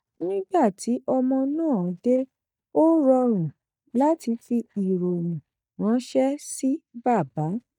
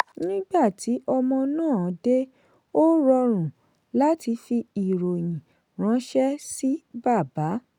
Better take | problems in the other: second | noise reduction (neural mask model DeepFilterNet 3)

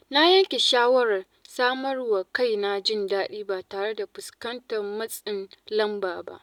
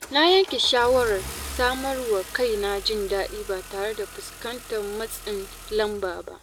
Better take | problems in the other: first | background sound (Engine starting / Car); 13 dB below the speech

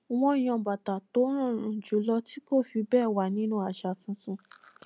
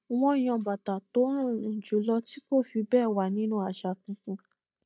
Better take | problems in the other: first | noise reduction (neural mask model DeepFilterNet 3)

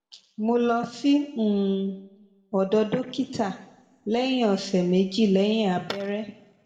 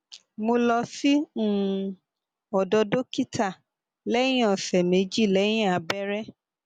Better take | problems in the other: second | room echo; dies away in 0.8 s

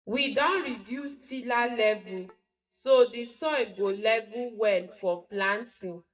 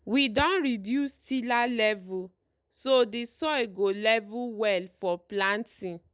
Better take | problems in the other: second | noise reduction (neural mask model DeepFilterNet 3)

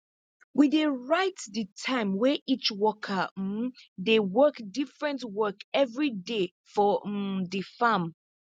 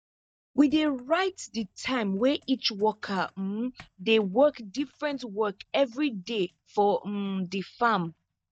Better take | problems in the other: first | noise reduction (neural mask model DeepFilterNet 3)

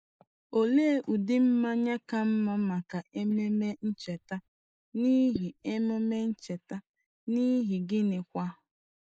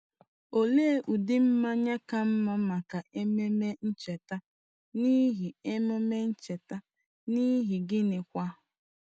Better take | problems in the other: second | noise reduction (neural mask model Resemble Enhance denoiser)

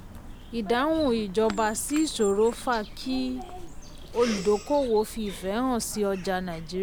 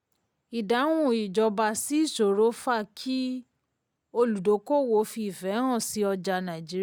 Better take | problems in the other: second | background sound (Bird vocalization, bird call, bird song); 12 dB below the speech

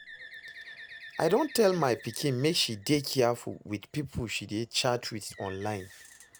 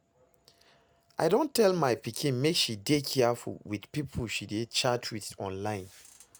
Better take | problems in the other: second | background sound (Bird); 20 dB below the speech

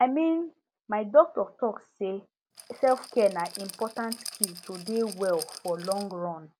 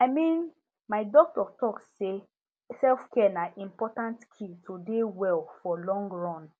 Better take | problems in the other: second | background sound (Rattle); 12 dB below the speech

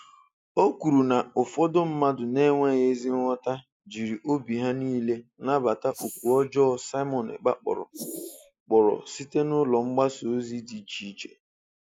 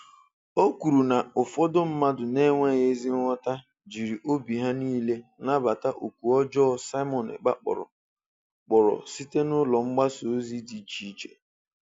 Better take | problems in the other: second | noise reduction (neural mask model Resemble Enhance denoiser)

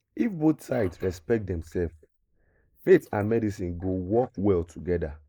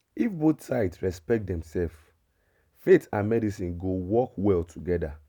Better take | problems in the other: second | noise reduction (neural mask model Resemble Enhance denoiser)

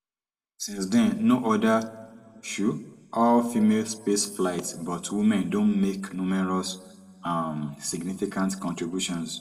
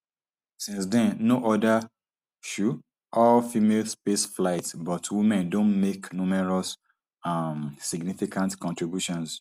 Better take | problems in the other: second | room echo; dies away in 1.3 s

